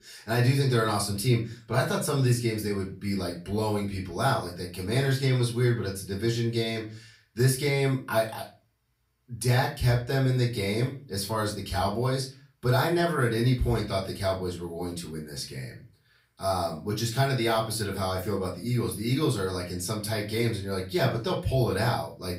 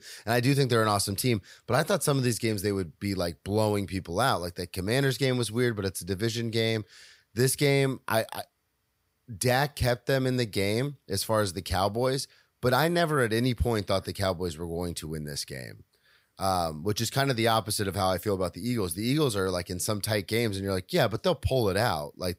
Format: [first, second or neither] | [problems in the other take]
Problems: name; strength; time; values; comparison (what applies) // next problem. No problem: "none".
second | off-mic speech; far // room echo; very slight; dies away in 0.3 s